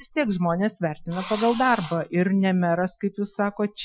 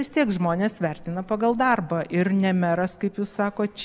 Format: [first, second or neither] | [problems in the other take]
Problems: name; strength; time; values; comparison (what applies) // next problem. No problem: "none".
second | noise reduction (classical method Wiener filter)